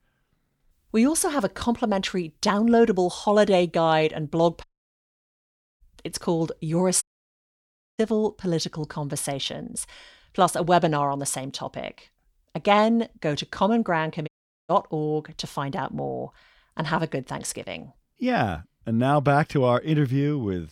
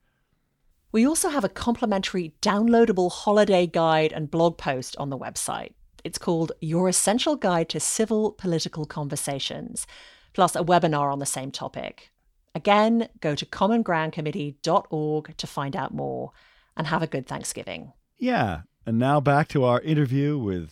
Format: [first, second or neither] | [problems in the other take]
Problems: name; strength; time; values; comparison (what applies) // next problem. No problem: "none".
second | audio cutting out; at 4.5 s for 1 s, at 7 s for 1 s and at 14 s